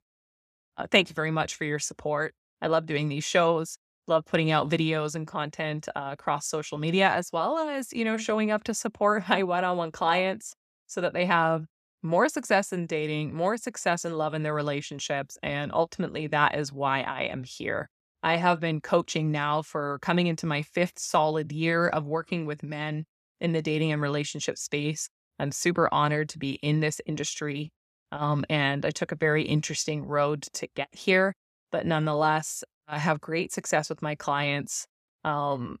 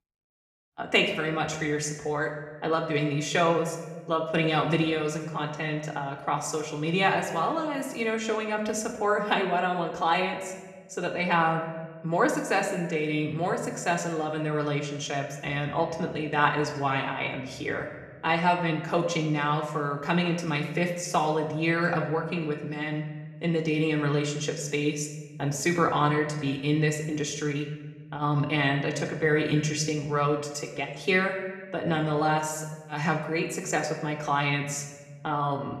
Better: first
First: none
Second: room echo; slight; dies away in 1.1 s // off-mic speech; far

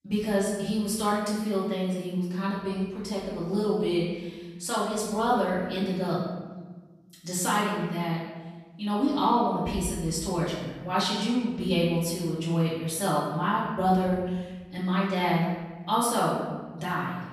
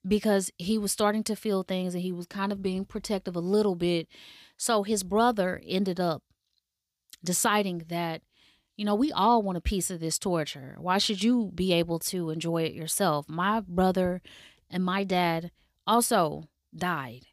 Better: second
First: off-mic speech; far // room echo; noticeable; dies away in 1.2 s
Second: none

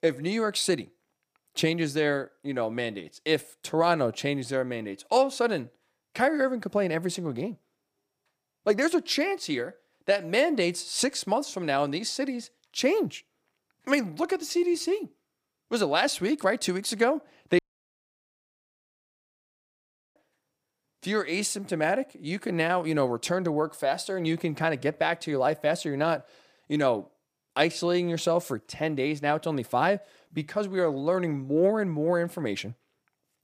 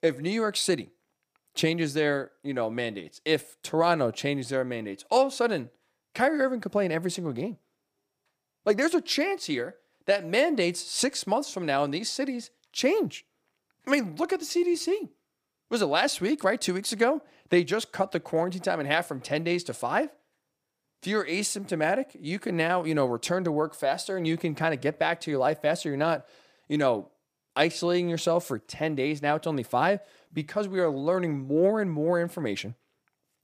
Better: second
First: audio cutting out; at 18 s for 2.5 s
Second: none

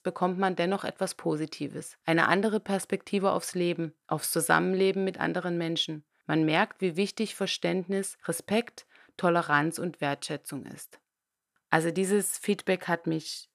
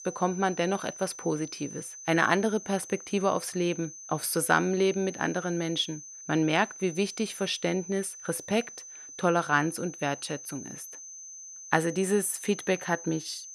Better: first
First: none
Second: high-pitched whine; noticeable; throughout; 6 kHz, 15 dB below the speech

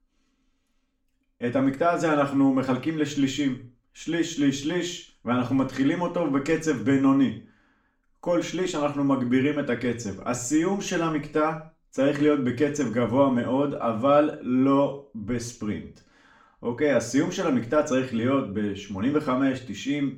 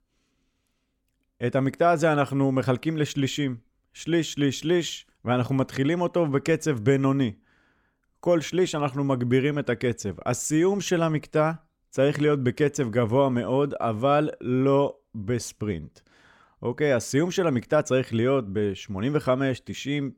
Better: second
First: room echo; slight; dies away in 0.4 s // off-mic speech; far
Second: none

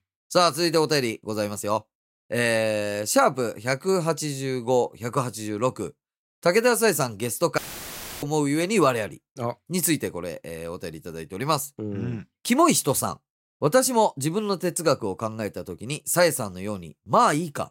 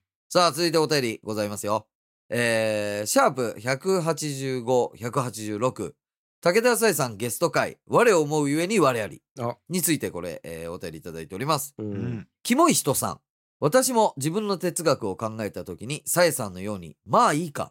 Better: second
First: audio cutting out; filled with static; at 7.5 s for 0.5 s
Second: none

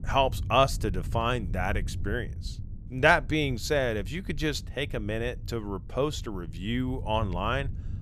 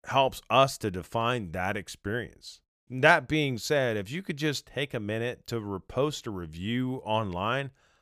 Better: second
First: low rumble; faint; throughout; 25 dB below the speech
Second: none

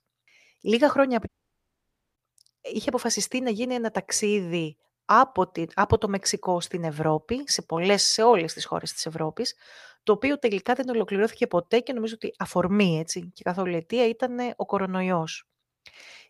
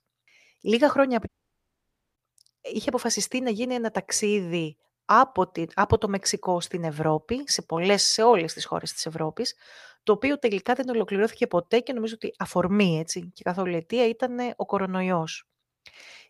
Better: neither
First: audio cutting out; at 1.5 s for 1 s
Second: audio cutting out; at 1.5 s for 1 s

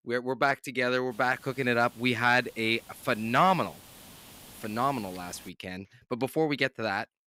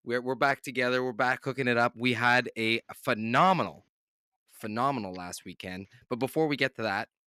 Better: second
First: hiss; faint; from 1 to 5.5 s; 20 dB below the speech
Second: none

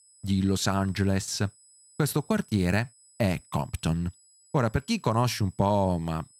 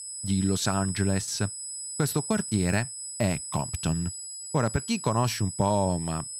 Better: first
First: high-pitched whine; faint; throughout; 8 kHz, 30 dB below the speech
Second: high-pitched whine; loud; throughout; 8 kHz, 7 dB below the speech

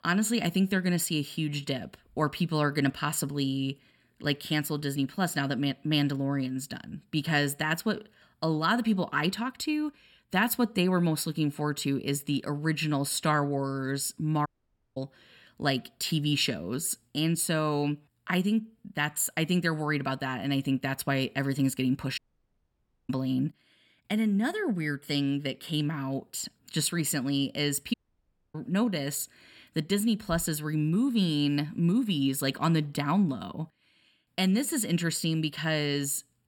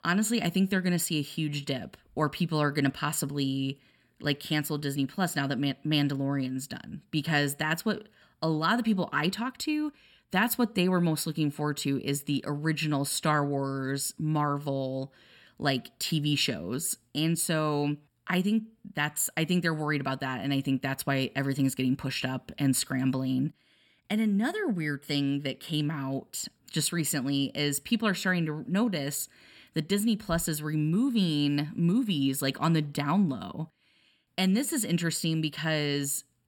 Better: second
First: audio cutting out; at 14 s for 0.5 s, at 22 s for 1 s and at 28 s for 0.5 s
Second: none

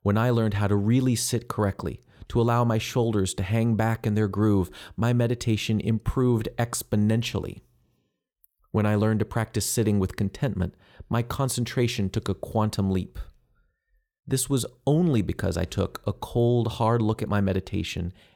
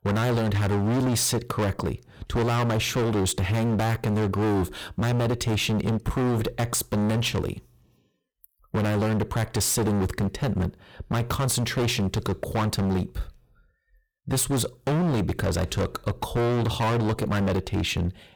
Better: first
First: none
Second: distortion; heavy; 27% of the sound clipped

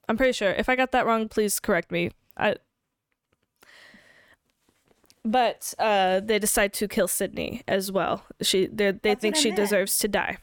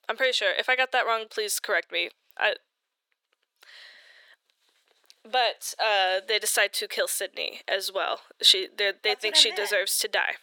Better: first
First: none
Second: thin; very; fading below 450 Hz

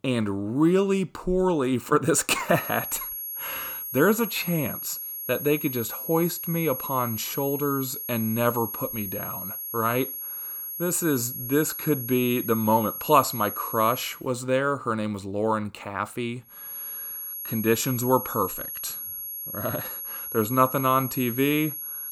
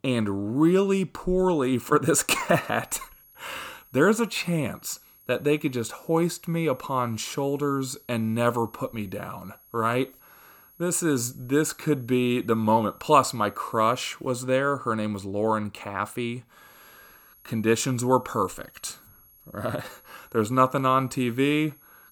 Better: second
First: high-pitched whine; loud; from 2.5 to 14 s and from 17 s on; 11.5 kHz, 6 dB below the speech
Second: high-pitched whine; faint; from 2.5 to 14 s and from 17 s on; 11.5 kHz, 25 dB below the speech

